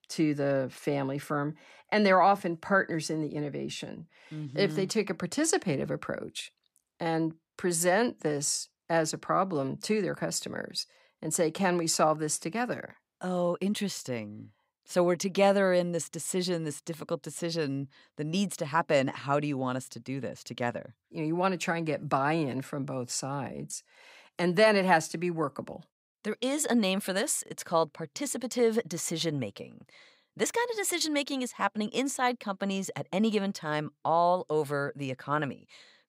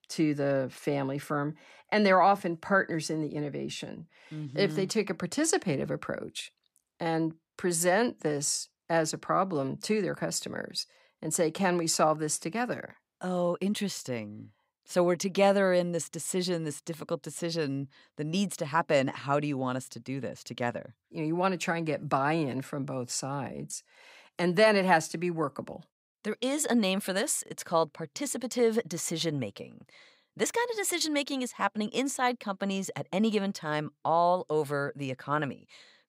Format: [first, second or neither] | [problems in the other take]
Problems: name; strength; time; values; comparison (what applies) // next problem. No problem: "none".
neither | none